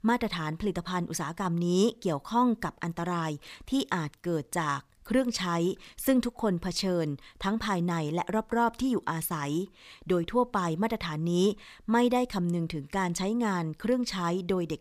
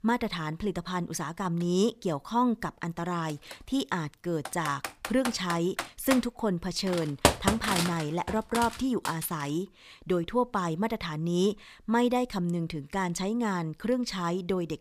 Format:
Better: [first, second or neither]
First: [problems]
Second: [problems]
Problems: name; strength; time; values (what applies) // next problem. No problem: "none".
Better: first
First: none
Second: keyboard typing; loud; from 4.5 to 9 s; peak 5 dB above the speech